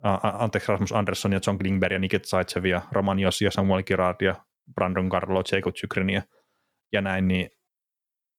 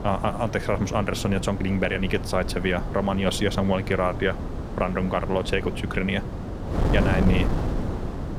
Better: first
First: none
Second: wind noise on the microphone; heavy; 9 dB below the speech

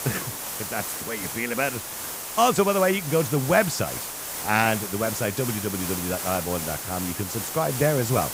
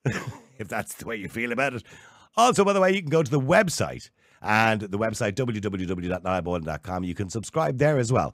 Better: second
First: hiss; loud; throughout; 5 dB below the speech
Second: none

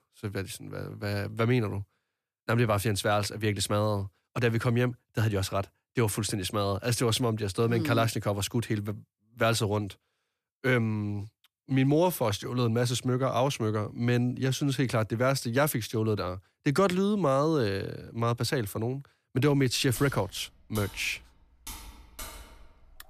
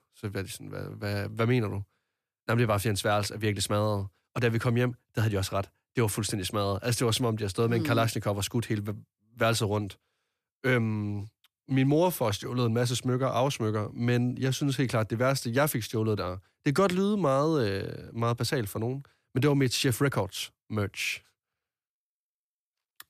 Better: second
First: keyboard typing; faint; from 20 s on; peak 15 dB below the speech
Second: none

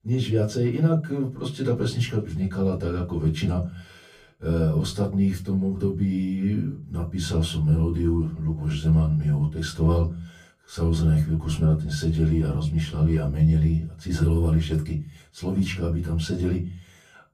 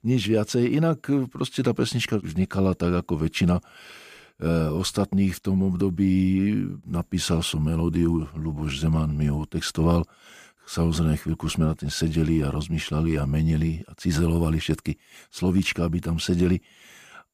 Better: second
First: off-mic speech; far // room echo; very slight; dies away in 0.3 s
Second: none

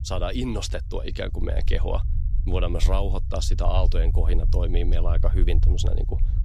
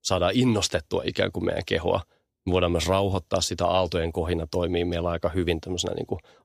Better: second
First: low rumble; noticeable; throughout; 15 dB below the speech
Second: none

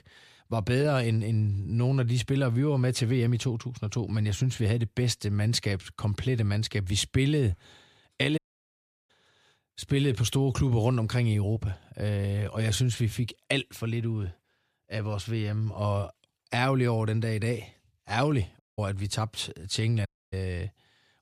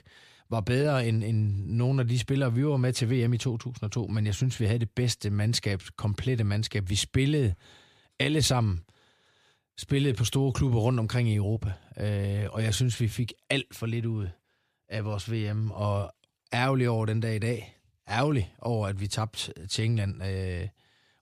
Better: second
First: audio cutting out; at 8.5 s for 0.5 s, at 19 s and at 20 s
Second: none

